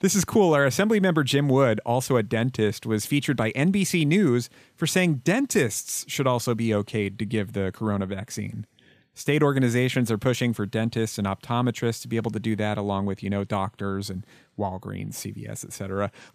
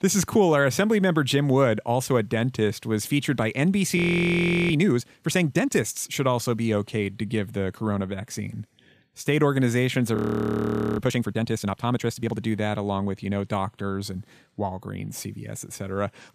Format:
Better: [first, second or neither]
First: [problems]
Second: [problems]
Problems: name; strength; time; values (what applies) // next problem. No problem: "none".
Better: first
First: none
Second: audio freezing; at 4 s for 0.5 s and at 10 s for 1 s